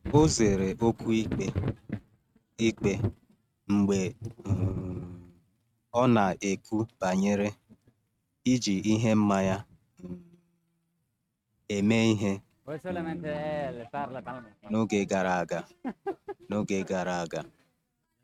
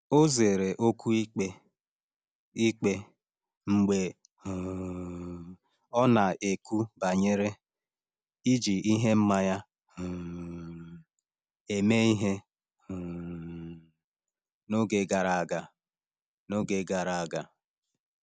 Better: second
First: noise reduction (neural mask model RNNoise)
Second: none

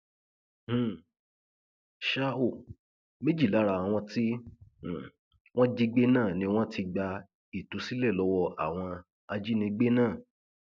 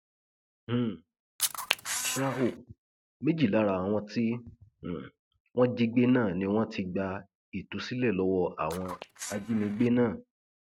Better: first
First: none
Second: noise reduction (neural mask model RNNoise)

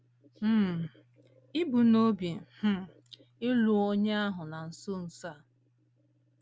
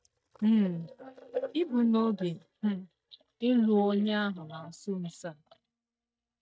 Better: first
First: none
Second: noise reduction (neural mask model DeepFilterNet 3)

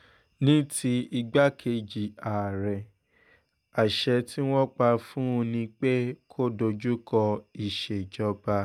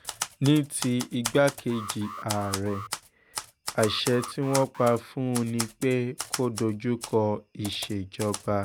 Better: first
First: none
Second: background sound (Typewriter + Alarm); 10 dB below the speech

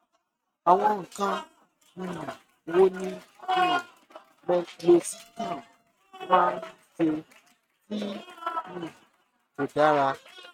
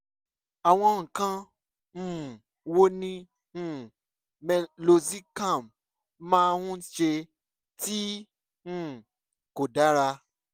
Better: second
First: noise reduction (neural mask model RNNoise)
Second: none

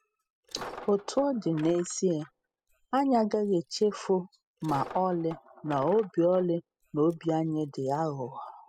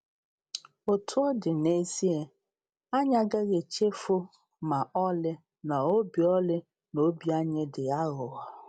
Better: second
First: noise reduction (classical method spectral subtraction)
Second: none

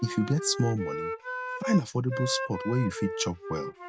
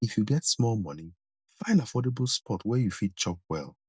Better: second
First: background sound (Wind instrument, woodwind instrument); 6 dB below the speech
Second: none

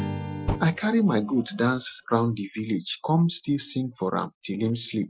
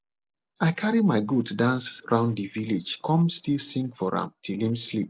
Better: second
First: noise reduction (classical method Wiener filter)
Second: none

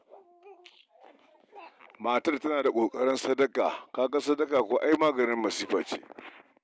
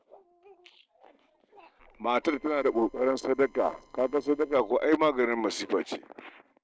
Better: first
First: none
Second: noise reduction (neural separator model SepFormer DNS4)

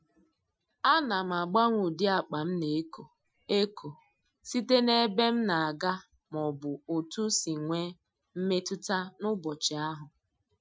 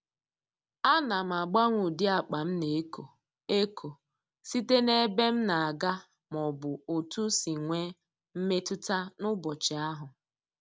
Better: second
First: noise reduction (classical method Wiener filter)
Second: none

